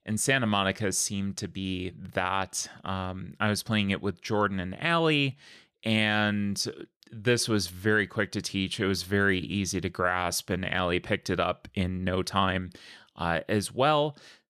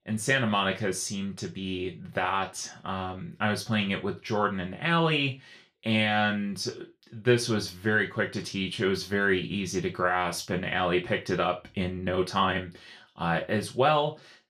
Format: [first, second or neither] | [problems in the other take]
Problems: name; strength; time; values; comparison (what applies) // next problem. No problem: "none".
first | room echo; very slight; dies away in 0.3 s // off-mic speech; far